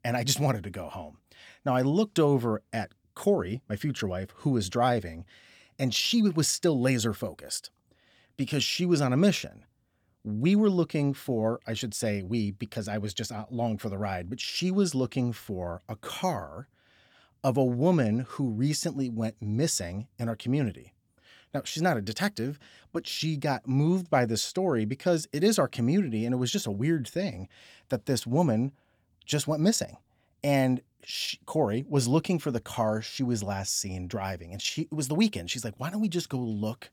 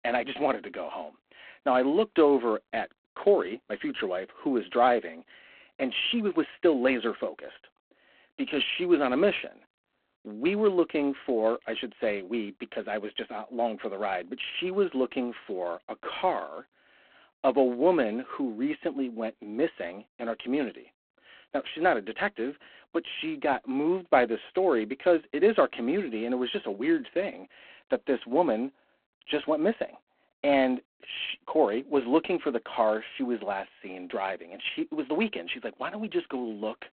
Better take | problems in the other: first | phone-call audio; poor line

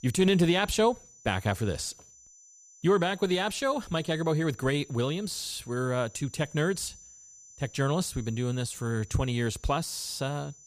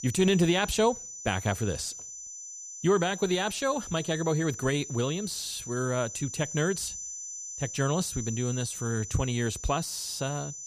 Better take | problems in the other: first | high-pitched whine; loud; throughout; 6 kHz, 9 dB below the speech; faint in the first

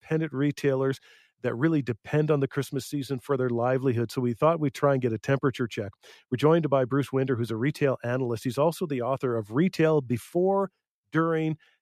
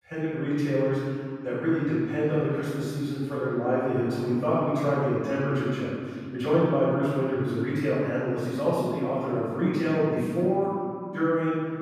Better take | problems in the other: first | off-mic speech; far // room echo; strong; dies away in 2.1 s

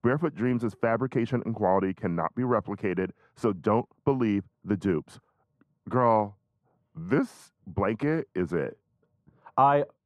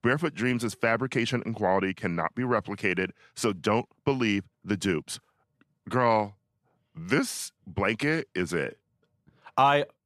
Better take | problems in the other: second | muffled; very; fading above 2 kHz

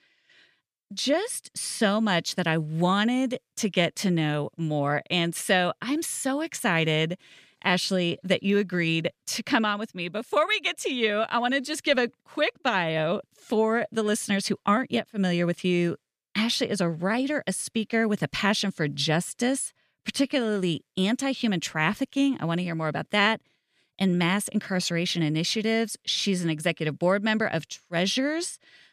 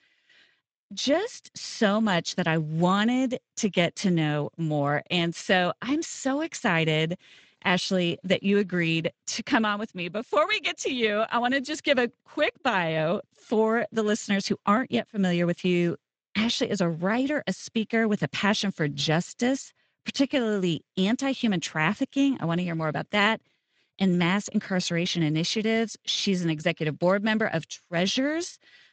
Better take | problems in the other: first | garbled, watery; slightly; nothing above 7.5 kHz

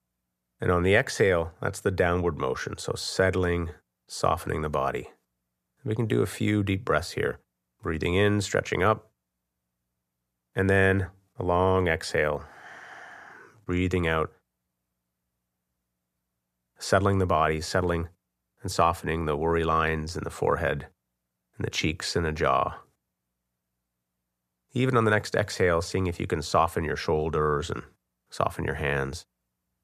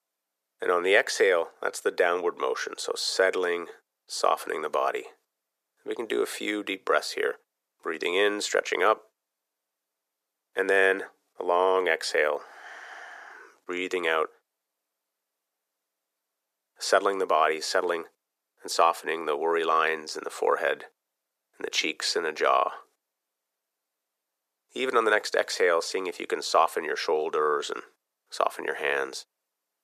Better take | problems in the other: first | thin; very; fading below 350 Hz

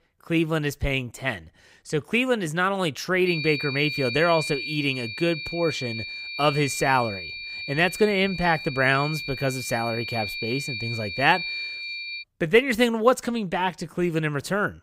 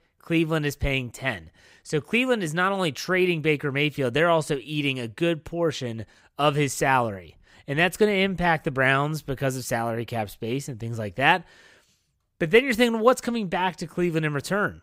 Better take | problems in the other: second | high-pitched whine; loud; from 3.5 to 12 s; 2.5 kHz, 7 dB below the speech

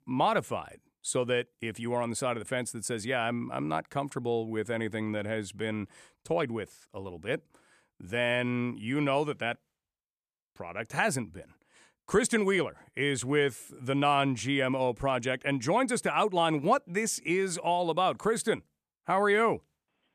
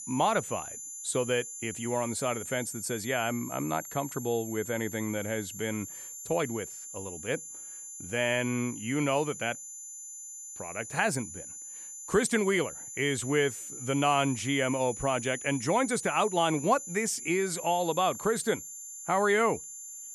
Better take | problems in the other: first | high-pitched whine; loud; throughout; 7 kHz, 9 dB below the speech

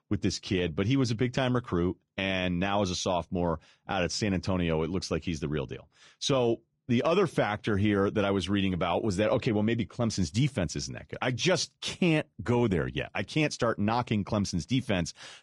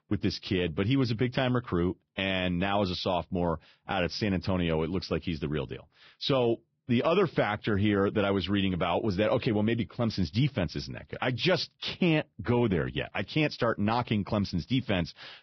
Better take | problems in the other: first | garbled, watery; badly; nothing above 5.5 kHz; slightly in the first

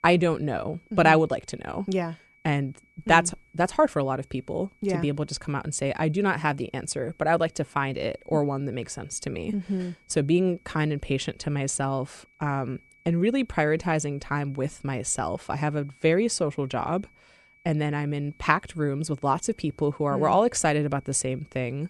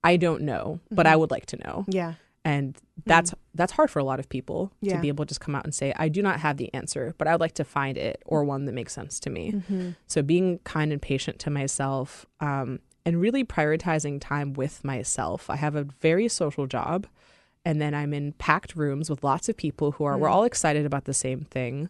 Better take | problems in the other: second | high-pitched whine; faint; throughout; 2.5 kHz, 30 dB below the speech

